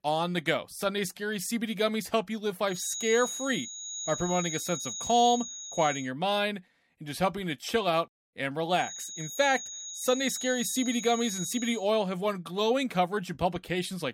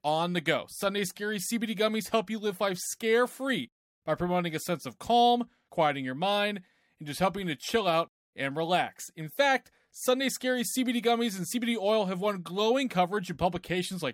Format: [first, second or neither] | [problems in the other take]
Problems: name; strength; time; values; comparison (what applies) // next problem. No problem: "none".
second | high-pitched whine; loud; from 3 to 6 s and from 9 to 12 s; 6.5 kHz, 6 dB below the speech